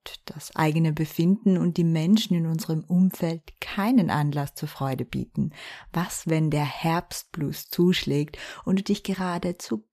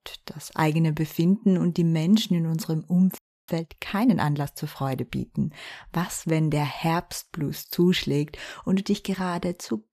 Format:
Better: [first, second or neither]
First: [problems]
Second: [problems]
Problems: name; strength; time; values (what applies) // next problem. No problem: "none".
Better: first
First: none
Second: audio freezing; at 3 s